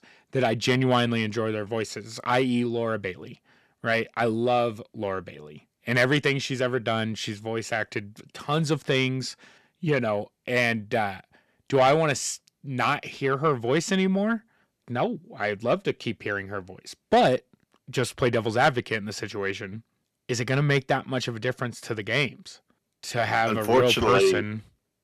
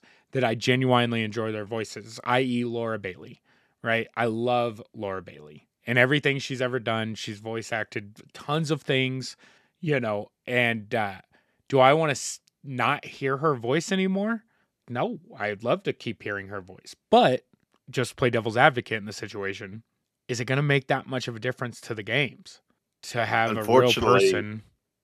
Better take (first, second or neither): second